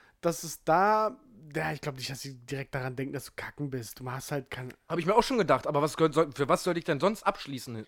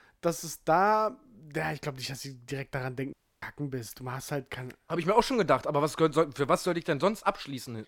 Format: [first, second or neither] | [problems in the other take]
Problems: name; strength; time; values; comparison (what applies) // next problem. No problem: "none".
first | audio cutting out; at 3 s